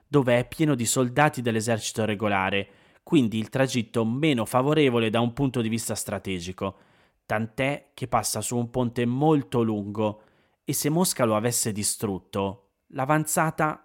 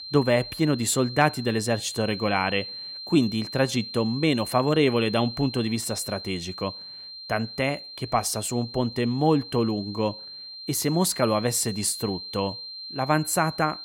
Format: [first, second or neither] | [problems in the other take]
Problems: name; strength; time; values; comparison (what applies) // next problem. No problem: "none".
first | high-pitched whine; noticeable; throughout; 4 kHz, 10 dB below the speech